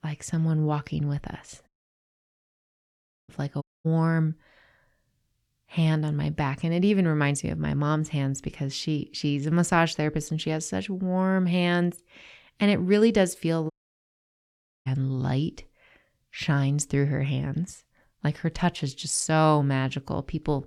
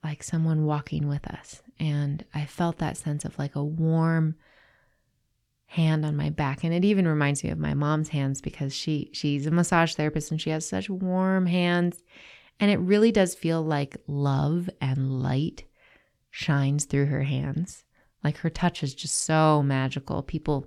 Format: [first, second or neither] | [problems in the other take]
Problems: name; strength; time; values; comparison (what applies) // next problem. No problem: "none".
second | audio cutting out; at 1.5 s for 1.5 s, at 3.5 s and at 14 s for 1 s